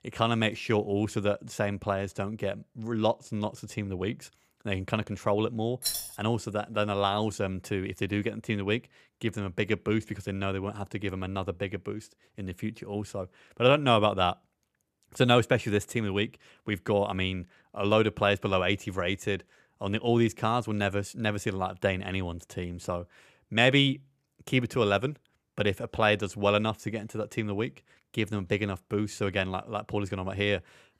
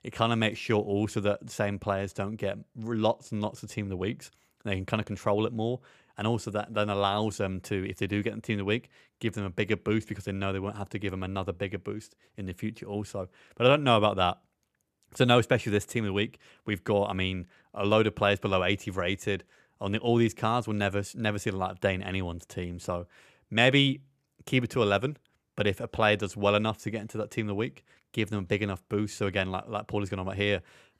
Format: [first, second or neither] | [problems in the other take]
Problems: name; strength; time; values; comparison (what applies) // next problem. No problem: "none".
second | jangling keys; noticeable; at 6 s; peak 1 dB below the speech